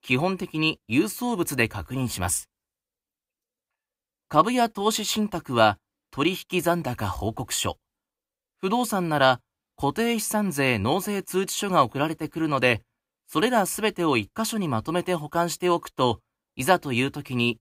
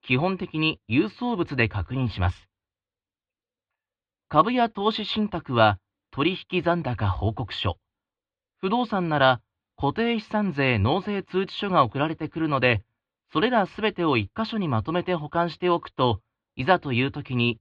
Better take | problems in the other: first | muffled; slightly; fading above 4 kHz

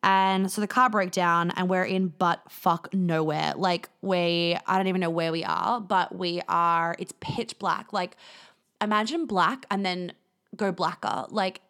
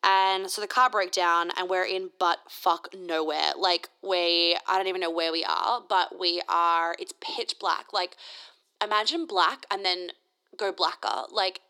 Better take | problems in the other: first | thin; very; fading below 350 Hz

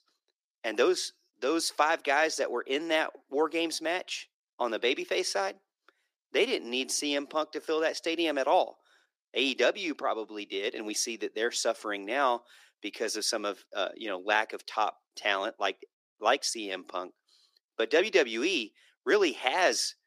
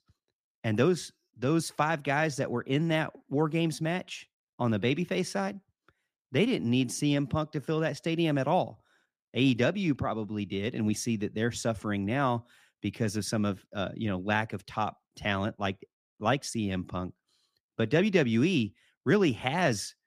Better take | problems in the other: second | thin; very; fading below 350 Hz

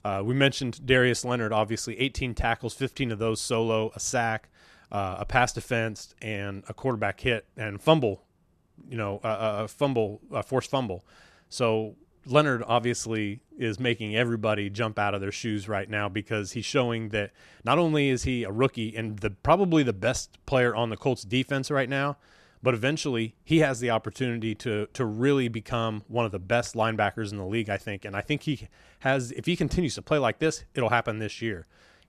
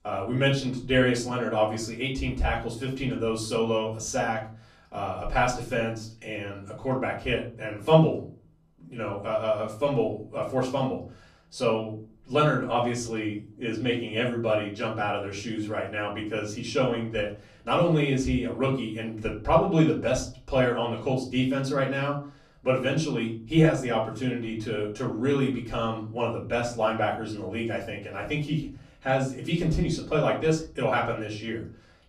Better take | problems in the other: first | room echo; slight; dies away in 0.4 s // off-mic speech; far

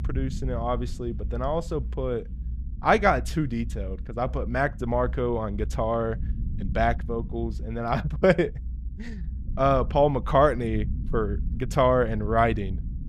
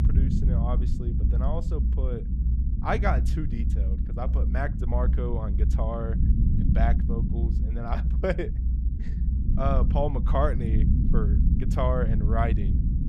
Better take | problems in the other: first | low rumble; loud; throughout; 8 dB below the speech; faint in the first

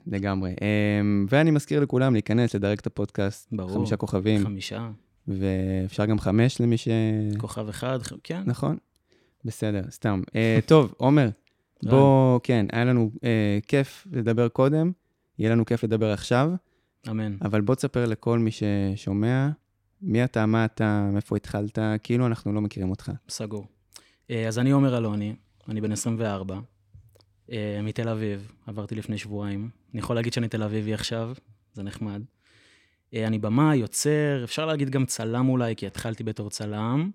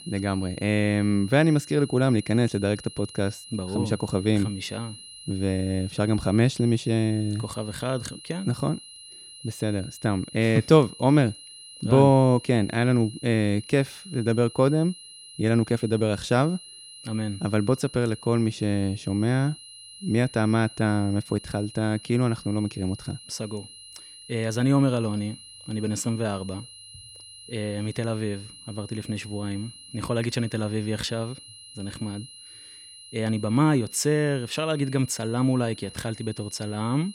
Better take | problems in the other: first | high-pitched whine; noticeable; throughout; 4 kHz, 15 dB below the speech

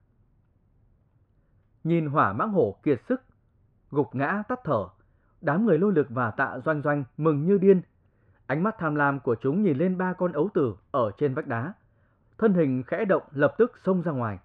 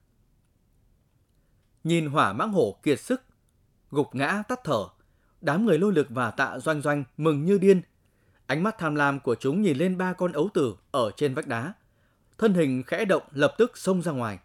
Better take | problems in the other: second | muffled; very; fading above 1.5 kHz

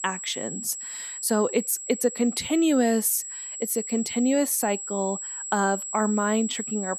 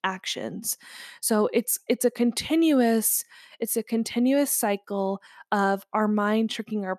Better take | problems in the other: second | high-pitched whine; loud; throughout; 7.5 kHz, 7 dB below the speech

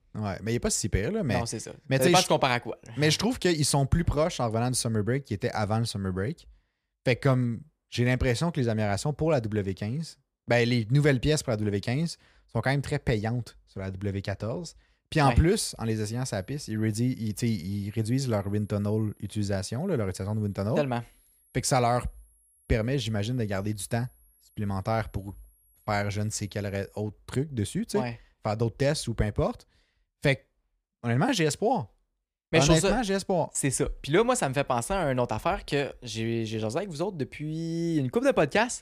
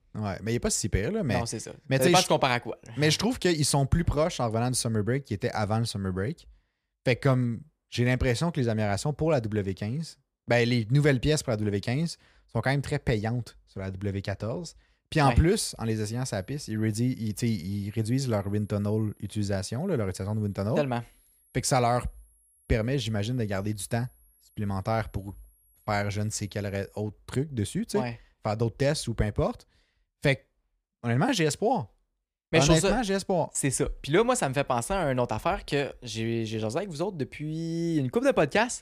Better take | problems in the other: neither | high-pitched whine; faint; from 15 to 27 s; 11.5 kHz, 35 dB below the speech; the same in both

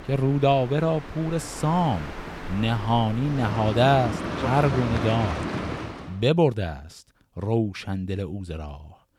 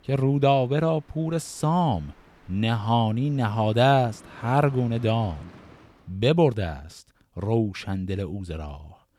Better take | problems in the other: second | train or aircraft noise; loud; until 6 s; 8 dB below the speech; faint in the second

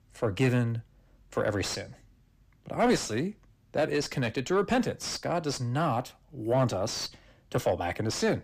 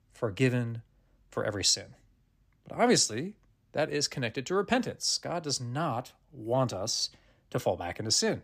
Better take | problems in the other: second | distortion; heavy; 6 dB below the speech

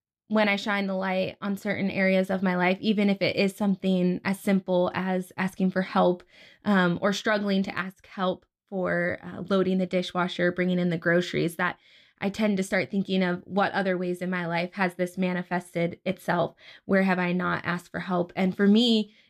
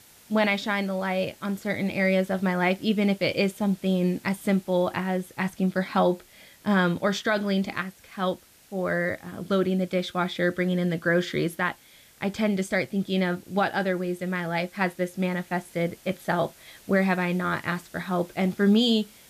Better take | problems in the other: first | hiss; faint; throughout; 25 dB below the speech

